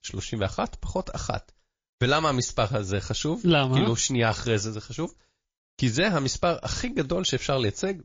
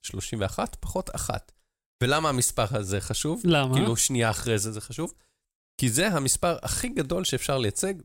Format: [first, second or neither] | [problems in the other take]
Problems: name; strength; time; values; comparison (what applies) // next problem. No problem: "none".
second | garbled, watery; slightly